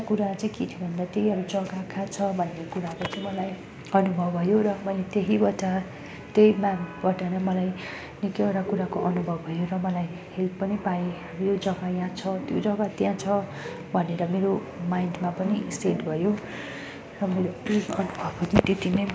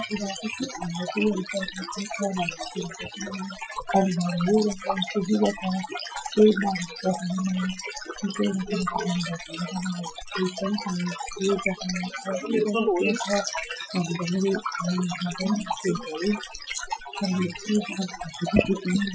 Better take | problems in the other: first | noise reduction (classical method Wiener filter)

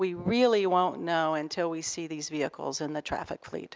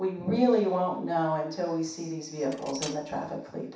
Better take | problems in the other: first | background sound (Cutlery, silverware); 16 dB below the speech // room echo; dies away in 0.7 s

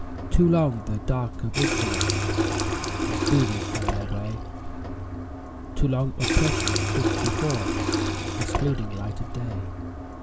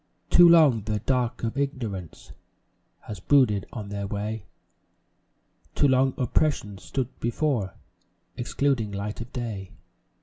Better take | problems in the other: second | background sound (Water tap, faucet); as loud as the speech

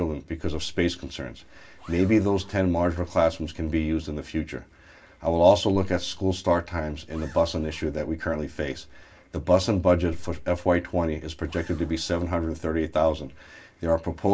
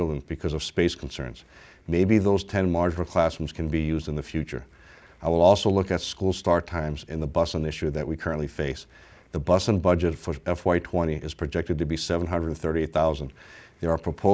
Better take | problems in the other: second | background sound (Zipper (clothing)); 16 dB below the speech // room echo; dies away in 0.1 s

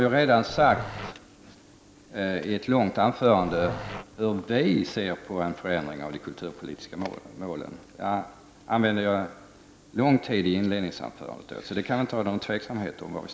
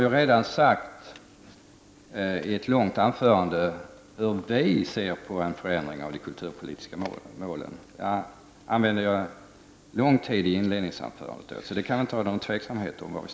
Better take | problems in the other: second | background sound (Growling); 11 dB below the speech

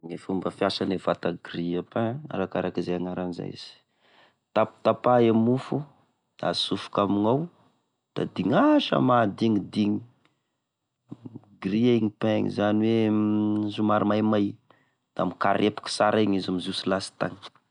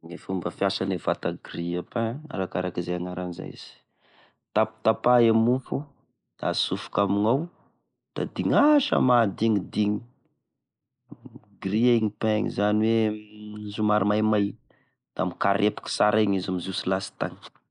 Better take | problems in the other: first | noise reduction (neural mask model Resemble Enhance denoiser)

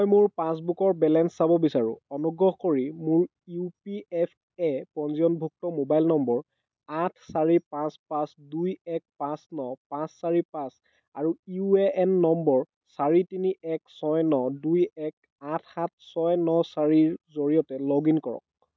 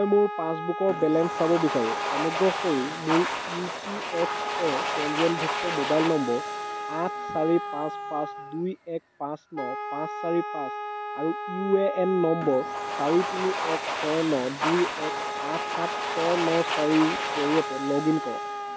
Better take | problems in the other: first | background sound (Wind instrument, woodwind instrument + Domestic sounds, home sounds); 4 dB below the speech

